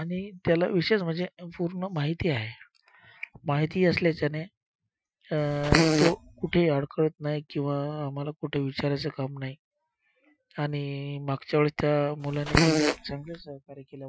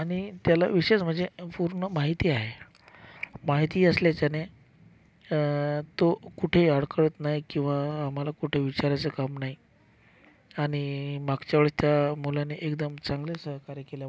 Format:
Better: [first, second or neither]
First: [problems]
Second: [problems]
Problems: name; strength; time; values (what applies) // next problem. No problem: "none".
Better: second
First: noise reduction (classical method Wiener filter)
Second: none